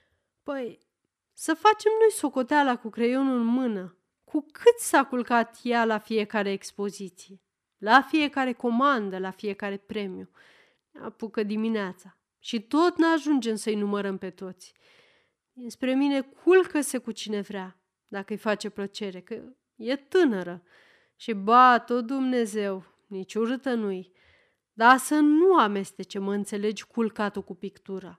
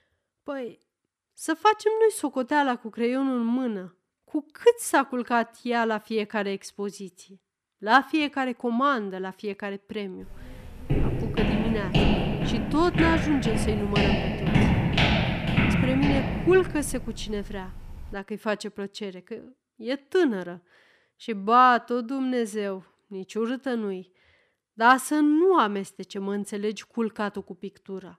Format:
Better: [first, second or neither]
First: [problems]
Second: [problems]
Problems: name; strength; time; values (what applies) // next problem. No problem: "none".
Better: first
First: none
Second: footsteps; loud; from 10 to 18 s; peak 4 dB above the speech